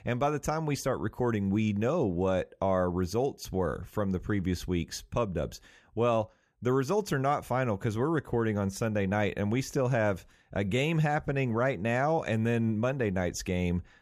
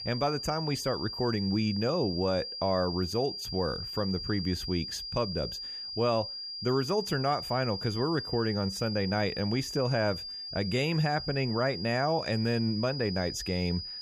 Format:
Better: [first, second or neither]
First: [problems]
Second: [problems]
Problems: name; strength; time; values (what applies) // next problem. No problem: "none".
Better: first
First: none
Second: high-pitched whine; loud; throughout; 5 kHz, 6 dB below the speech